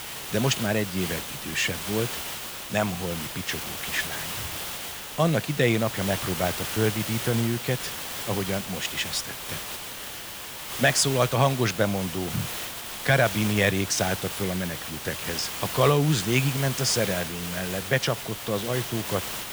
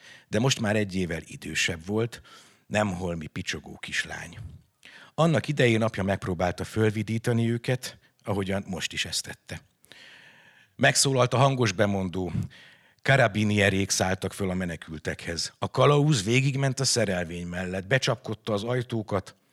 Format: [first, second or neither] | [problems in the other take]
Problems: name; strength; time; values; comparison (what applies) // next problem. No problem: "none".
second | hiss; loud; throughout; 6 dB below the speech